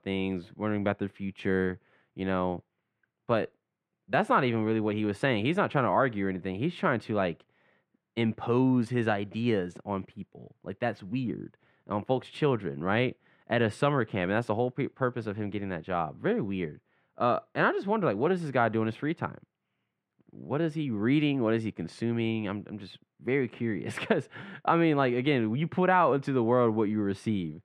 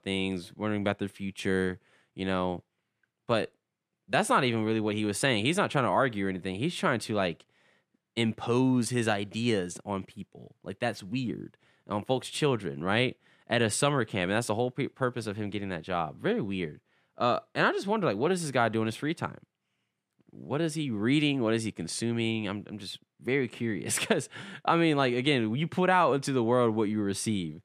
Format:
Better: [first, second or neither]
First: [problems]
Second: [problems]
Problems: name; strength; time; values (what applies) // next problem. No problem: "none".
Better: second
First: muffled; slightly; fading above 4 kHz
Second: none